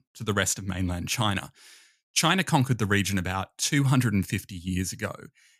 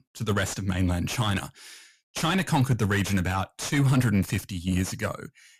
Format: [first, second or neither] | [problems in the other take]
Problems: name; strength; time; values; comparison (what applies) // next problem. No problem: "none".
first | distortion; heavy; 7 dB below the speech